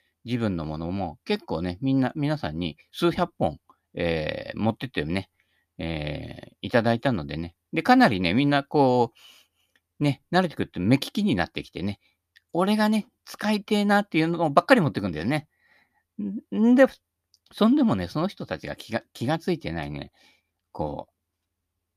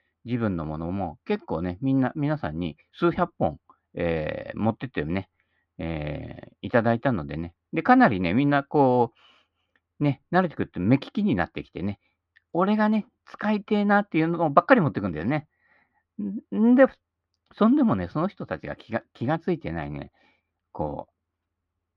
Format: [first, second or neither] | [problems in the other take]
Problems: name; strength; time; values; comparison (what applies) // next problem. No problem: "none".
first | muffled; slightly; fading above 2 kHz